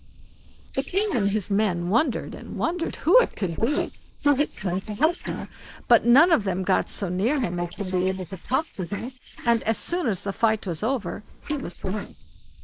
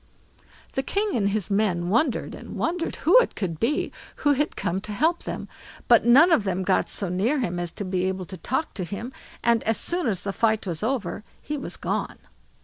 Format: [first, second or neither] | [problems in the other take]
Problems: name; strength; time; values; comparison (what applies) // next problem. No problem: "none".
second | noise reduction (neural mask model Resemble Enhance denoiser)